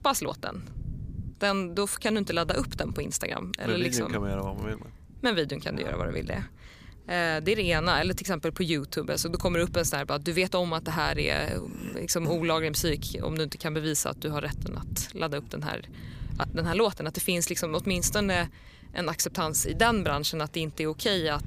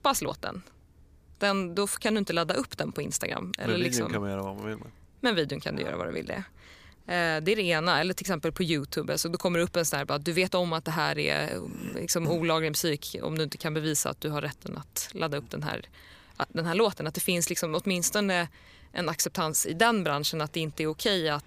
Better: second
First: low rumble; faint; throughout; 25 dB below the speech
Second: none

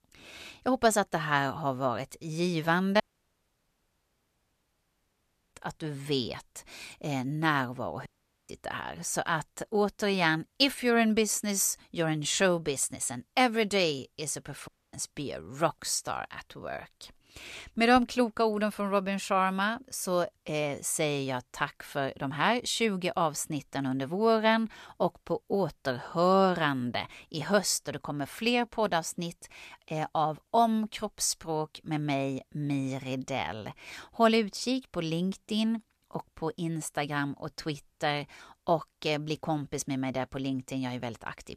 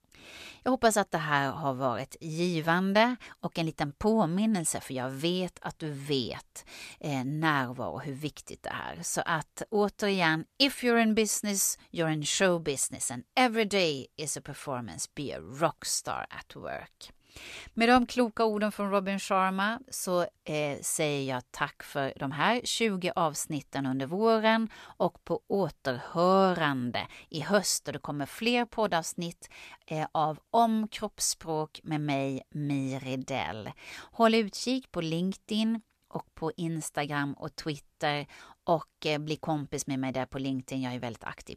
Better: second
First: audio cutting out; at 3 s for 2.5 s, at 8 s and at 15 s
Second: none

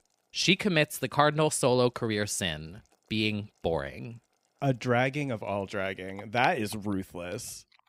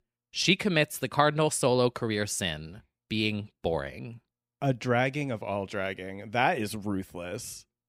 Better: second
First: household noises; faint; throughout; 20 dB below the speech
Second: none

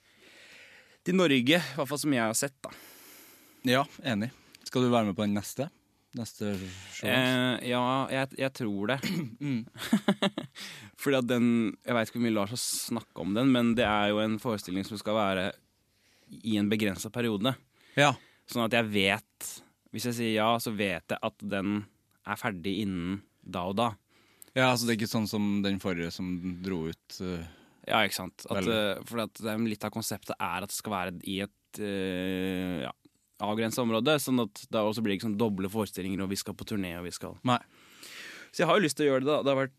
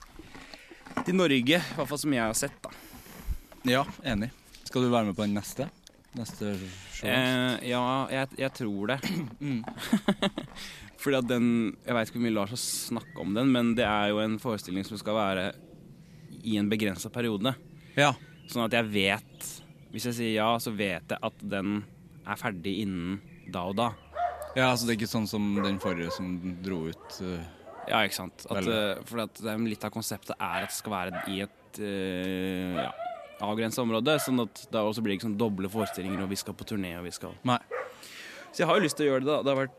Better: first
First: none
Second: animal sounds; noticeable; throughout; 15 dB below the speech

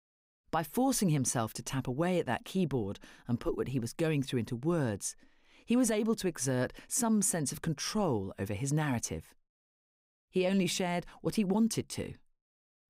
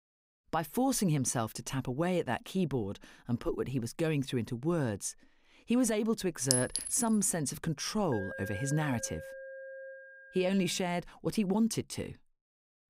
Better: first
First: none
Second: clattering dishes; loud; at 6.5 s; peak 3 dB above the speech // alarm; noticeable; from 8 to 11 s; peak 9 dB below the speech

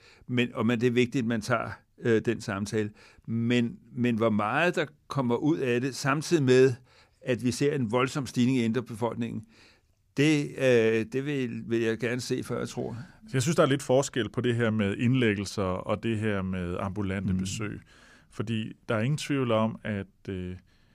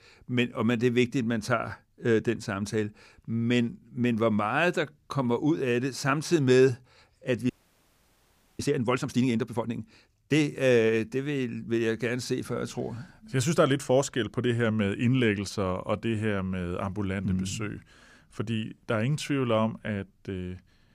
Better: first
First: none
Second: audio freezing; at 7.5 s for 1 s

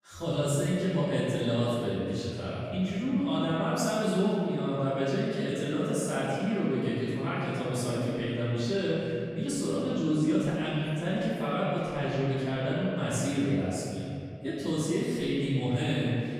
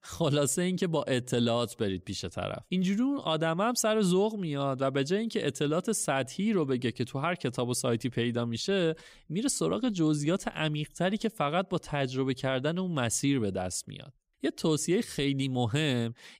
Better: second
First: off-mic speech; far // room echo; strong; dies away in 2.9 s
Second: none

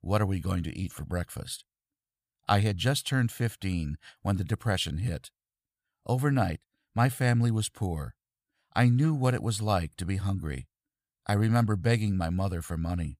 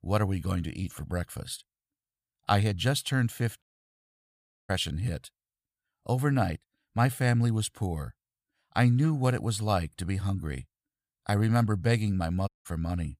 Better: first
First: none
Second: audio cutting out; at 3.5 s for 1 s and at 12 s

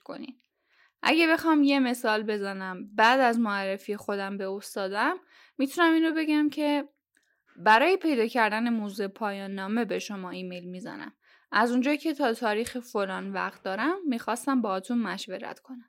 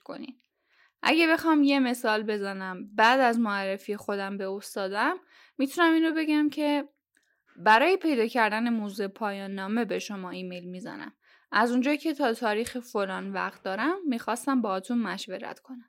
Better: neither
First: none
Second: none

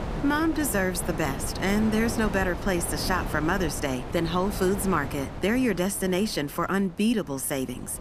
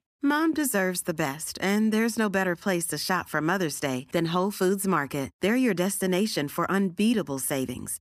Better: second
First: wind noise on the microphone; heavy; 10 dB below the speech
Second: none

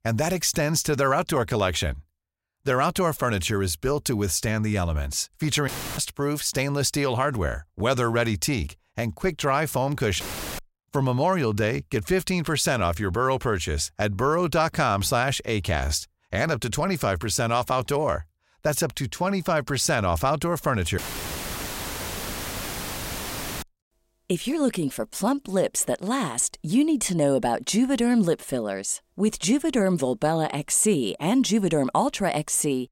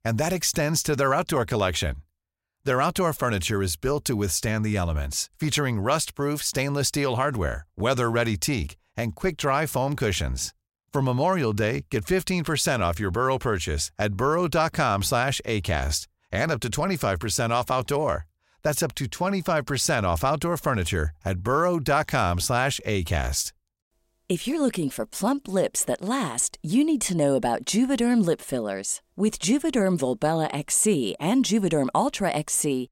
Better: second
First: audio cutting out; filled with static; at 5.5 s, at 10 s and at 21 s for 2.5 s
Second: none

